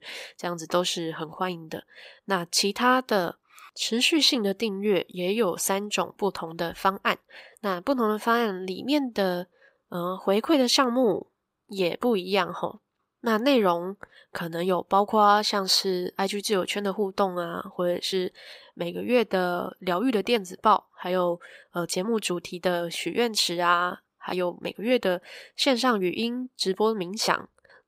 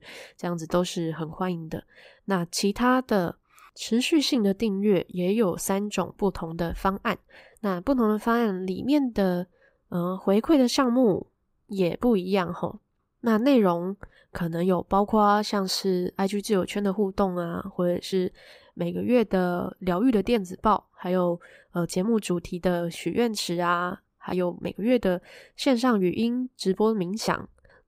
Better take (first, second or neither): second